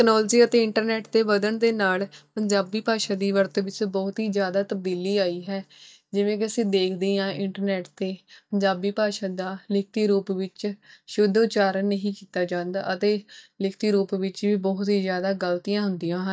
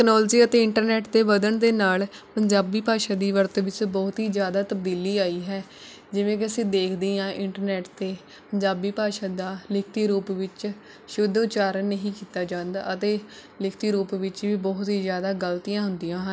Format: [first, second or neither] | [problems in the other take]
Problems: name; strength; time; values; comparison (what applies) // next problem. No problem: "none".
second | noise reduction (neural mask model DeepFilterNet 3)